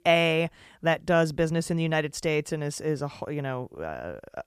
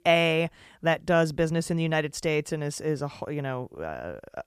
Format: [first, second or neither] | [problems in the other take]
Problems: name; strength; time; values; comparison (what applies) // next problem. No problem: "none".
neither | none